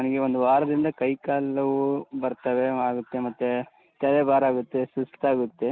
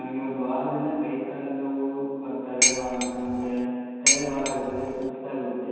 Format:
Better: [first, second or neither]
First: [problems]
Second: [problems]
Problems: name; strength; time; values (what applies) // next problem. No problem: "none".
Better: first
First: none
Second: background sound (Dishes, pots, and pans); 3 dB above the speech // room echo; dies away in 2.1 s